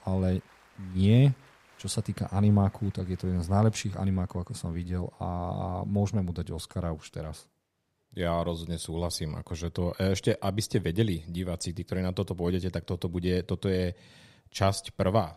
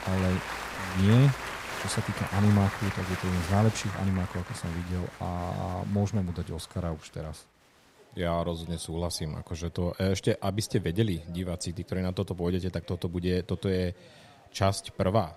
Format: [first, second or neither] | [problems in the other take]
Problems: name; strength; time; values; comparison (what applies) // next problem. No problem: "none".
first | crowd noise; loud; throughout; 7 dB below the speech; faint in the first